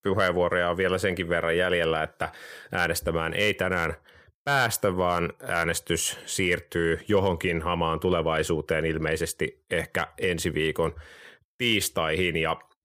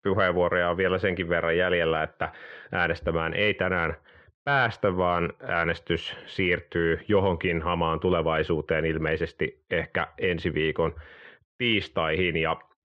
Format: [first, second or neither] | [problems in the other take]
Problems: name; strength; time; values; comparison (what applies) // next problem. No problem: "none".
first | muffled; very; fading above 3 kHz